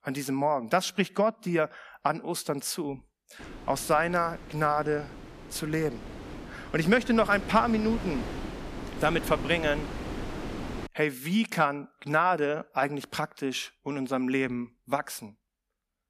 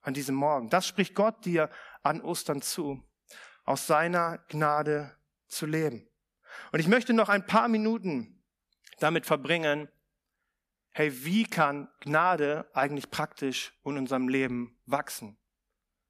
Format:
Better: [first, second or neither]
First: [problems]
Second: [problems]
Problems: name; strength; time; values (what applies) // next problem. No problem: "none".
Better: second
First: wind noise on the microphone; occasional gusts; from 3.5 to 11 s; 15 dB below the speech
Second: none